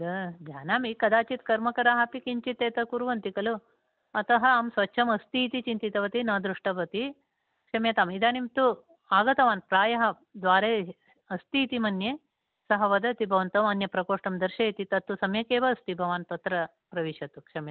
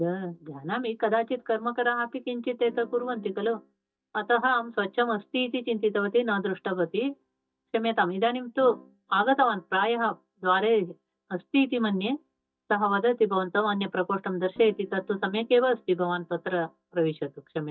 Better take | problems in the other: first | noise reduction (neural mask model DeepFilterNet 3)

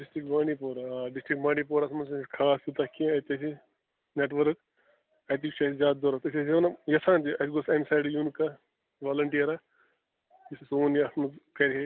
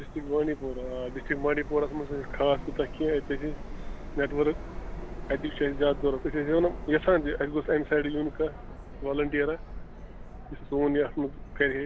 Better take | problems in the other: first | background sound (Subway, metro, underground); 9 dB below the speech

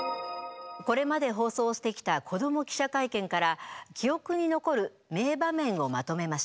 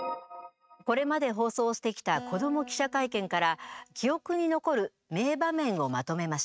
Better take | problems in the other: first | noise reduction (neural mask model RNNoise)

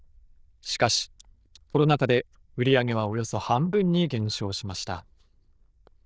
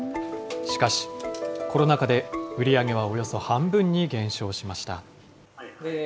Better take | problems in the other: second | noise reduction (neural diffusion model UNIVERSE++)

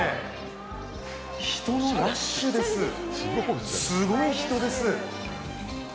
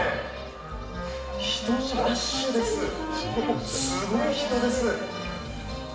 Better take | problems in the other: first | background sound (Wind instrument, woodwind instrument); 9 dB below the speech // room echo; dies away in 0.7 s

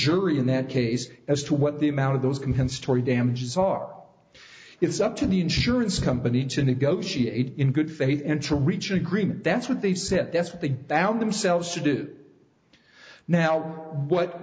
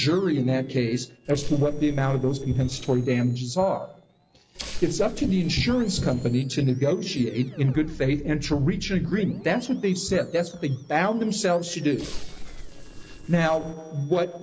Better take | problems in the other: first | noise reduction (neural separator model SepFormer DNS4)

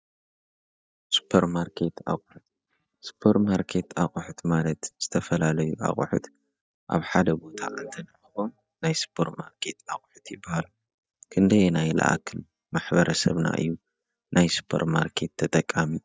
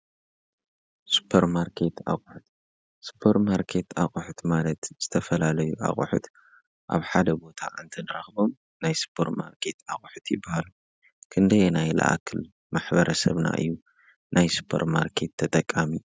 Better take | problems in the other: second | noise reduction (neural mask model DeepFilterNet 3)

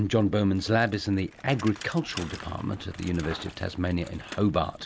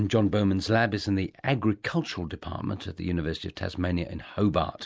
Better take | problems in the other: second | background sound (Bicycle); 17 dB below the speech

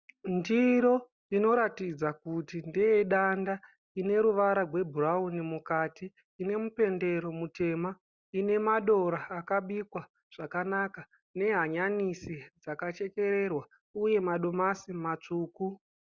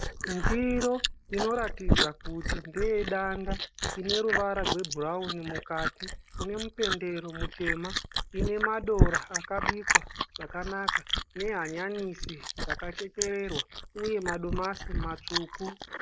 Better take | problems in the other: first | noise reduction (neural mask model Resemble Enhance denoiser)

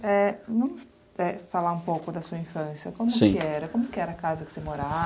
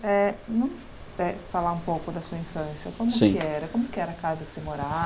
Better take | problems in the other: first | background sound (Ocean); 16 dB below the speech

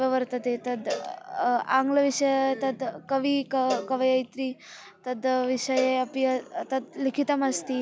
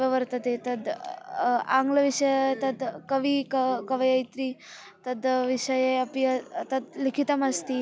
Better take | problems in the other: second | background sound (Cowbell); 15 dB below the speech

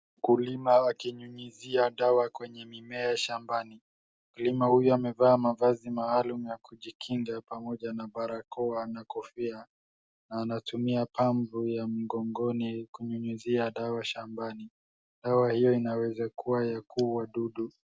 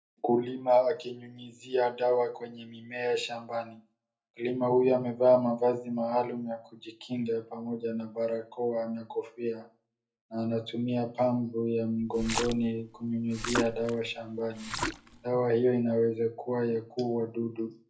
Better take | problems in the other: first | background sound (Splash, splatter); 7 dB below the speech // room echo; dies away in 0.3 s

